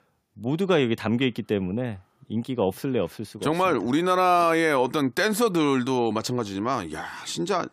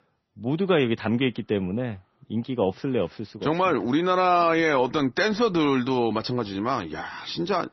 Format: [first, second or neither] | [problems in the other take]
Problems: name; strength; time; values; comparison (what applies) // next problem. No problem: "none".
first | garbled, watery; slightly; nothing above 6 kHz